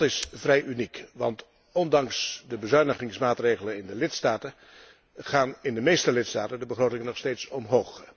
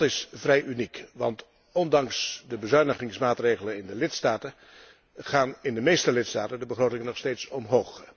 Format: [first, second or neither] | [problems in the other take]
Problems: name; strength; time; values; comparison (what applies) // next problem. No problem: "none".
second | background sound (Shatter); 14 dB below the speech